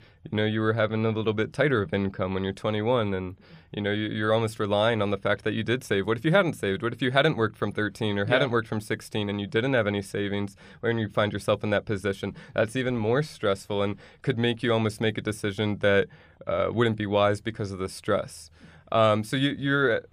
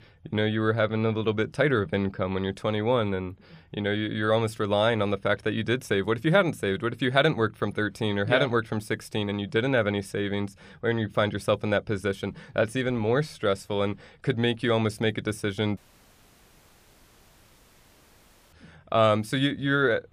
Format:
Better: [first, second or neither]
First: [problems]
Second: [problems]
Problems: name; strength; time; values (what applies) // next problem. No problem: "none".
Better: first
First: none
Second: audio cutting out; at 16 s for 3 s